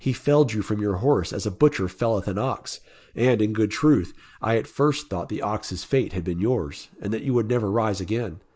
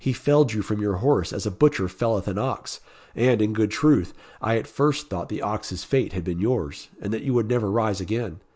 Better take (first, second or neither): second